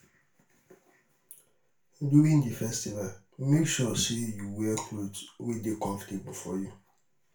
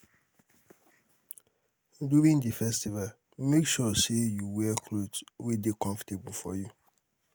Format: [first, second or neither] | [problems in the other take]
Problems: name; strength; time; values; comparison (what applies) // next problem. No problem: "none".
second | room echo; dies away in 0.3 s